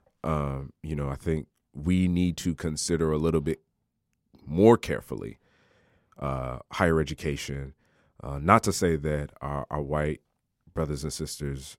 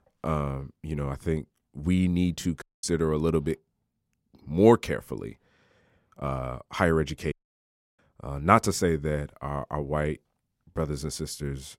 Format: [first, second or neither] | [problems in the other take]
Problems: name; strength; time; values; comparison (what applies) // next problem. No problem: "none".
first | audio cutting out; at 2.5 s and at 7.5 s for 0.5 s